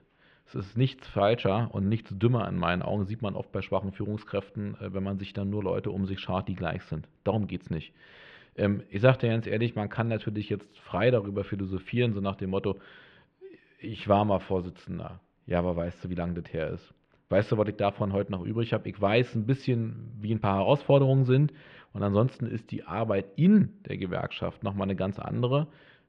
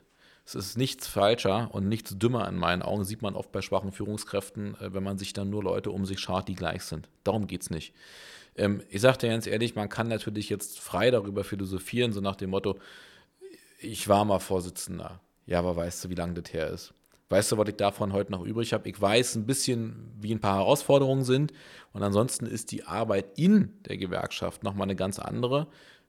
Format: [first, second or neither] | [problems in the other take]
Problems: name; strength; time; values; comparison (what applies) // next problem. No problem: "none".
second | muffled; very; fading above 3 kHz